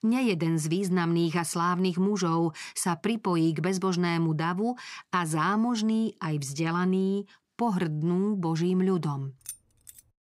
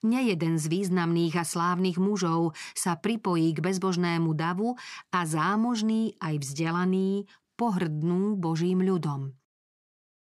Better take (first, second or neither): second